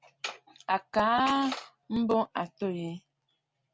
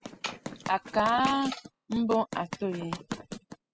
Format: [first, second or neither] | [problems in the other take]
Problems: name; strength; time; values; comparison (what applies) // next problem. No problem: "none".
first | noise reduction (classical method spectral subtraction)